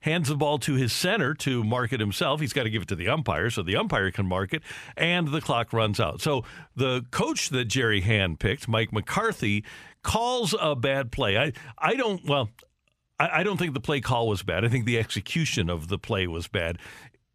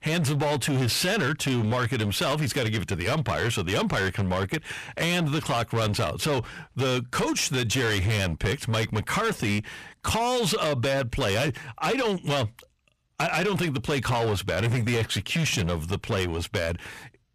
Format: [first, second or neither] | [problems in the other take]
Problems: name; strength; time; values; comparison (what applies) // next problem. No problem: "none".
first | distortion; heavy; 21% of the sound clipped